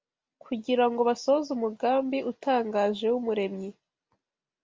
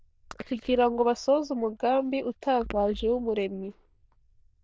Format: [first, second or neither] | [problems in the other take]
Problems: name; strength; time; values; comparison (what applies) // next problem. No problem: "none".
first | noise reduction (neural diffusion model UNIVERSE++)